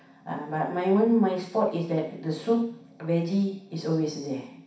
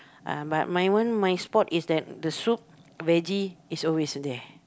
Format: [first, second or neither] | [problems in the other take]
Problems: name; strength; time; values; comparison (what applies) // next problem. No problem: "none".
second | room echo; dies away in 0.6 s